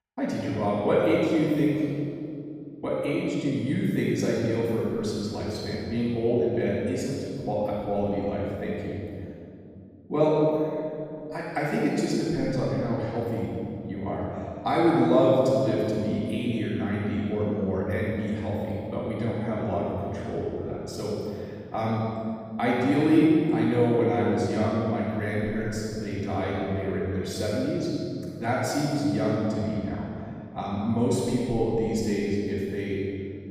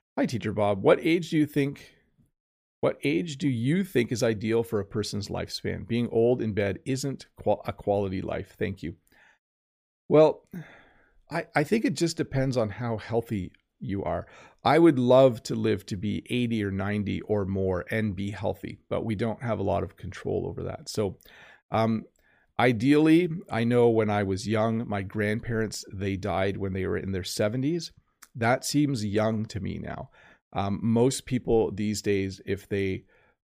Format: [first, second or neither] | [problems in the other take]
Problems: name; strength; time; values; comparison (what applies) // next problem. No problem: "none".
second | room echo; strong; dies away in 2.2 s // off-mic speech; far